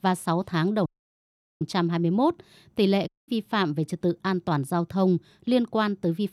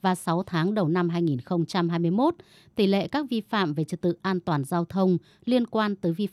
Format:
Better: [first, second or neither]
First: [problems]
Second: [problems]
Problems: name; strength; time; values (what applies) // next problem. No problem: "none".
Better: second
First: audio cutting out; at 1 s for 1 s and at 3 s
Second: none